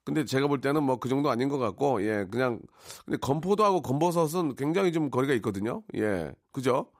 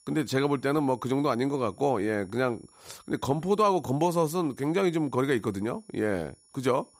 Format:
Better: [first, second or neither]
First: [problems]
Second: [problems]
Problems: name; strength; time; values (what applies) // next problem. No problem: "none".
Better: first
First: none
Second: high-pitched whine; faint; throughout; 10.5 kHz, 30 dB below the speech